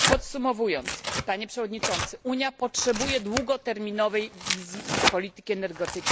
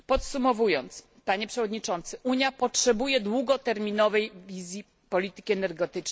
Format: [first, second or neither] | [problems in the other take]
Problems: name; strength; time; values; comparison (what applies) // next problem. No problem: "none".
second | background sound (Tearing); 2 dB below the speech